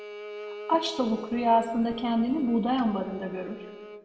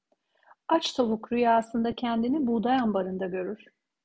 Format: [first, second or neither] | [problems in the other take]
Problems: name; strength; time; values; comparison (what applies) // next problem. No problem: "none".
second | background sound (Bowed string instrument); 14 dB below the speech // room echo; dies away in 1.6 s